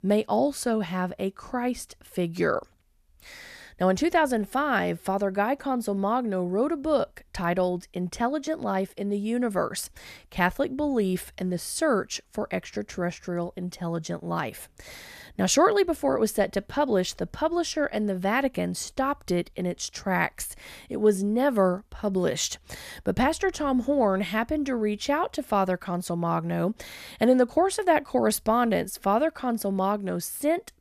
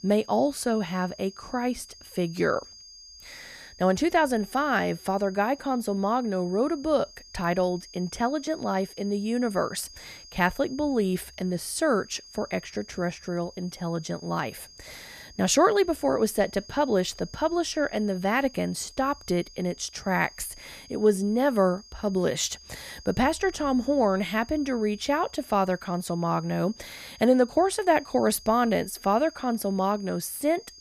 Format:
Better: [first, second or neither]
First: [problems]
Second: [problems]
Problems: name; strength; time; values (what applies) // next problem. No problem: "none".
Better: first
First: none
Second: high-pitched whine; faint; throughout; 5 kHz, 20 dB below the speech